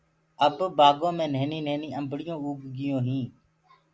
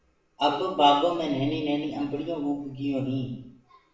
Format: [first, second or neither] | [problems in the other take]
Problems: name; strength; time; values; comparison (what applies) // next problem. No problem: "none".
first | room echo; dies away in 0.7 s